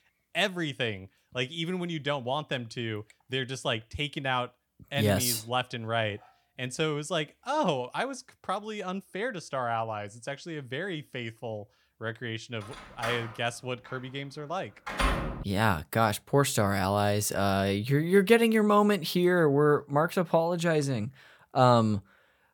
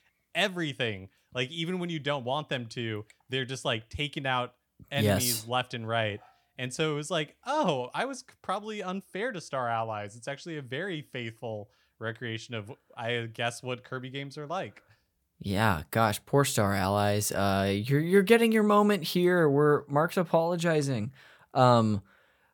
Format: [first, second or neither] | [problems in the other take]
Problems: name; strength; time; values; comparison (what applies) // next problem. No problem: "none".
second | door banging; noticeable; from 13 to 15 s; peak level with the speech